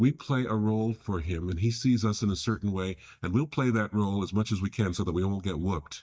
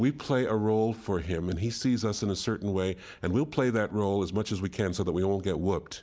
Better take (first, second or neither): second